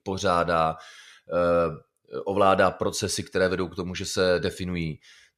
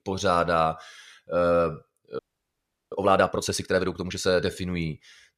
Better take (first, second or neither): first